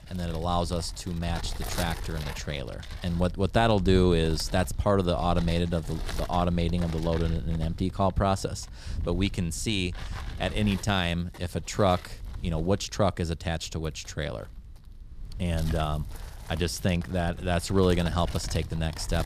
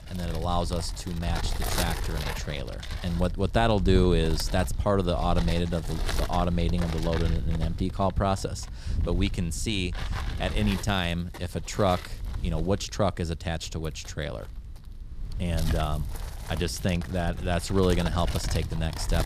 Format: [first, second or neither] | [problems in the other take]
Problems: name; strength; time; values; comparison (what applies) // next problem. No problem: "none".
first | wind noise on the microphone; heavy; 9 dB below the speech; occasional gusts in the first